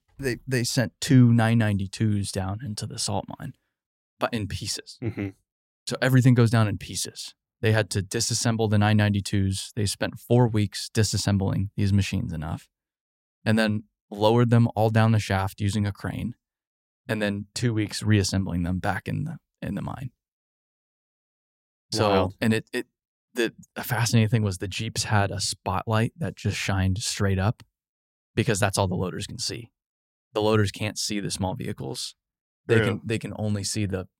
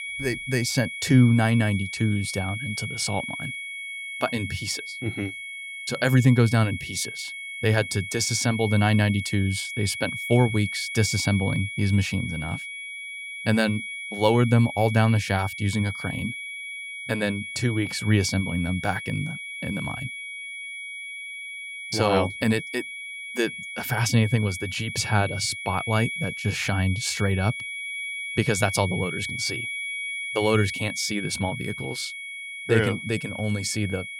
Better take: first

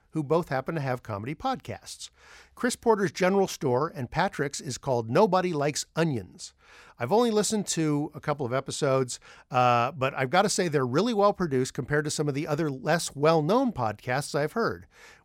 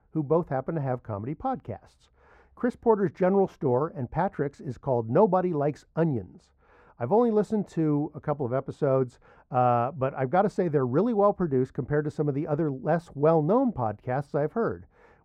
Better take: first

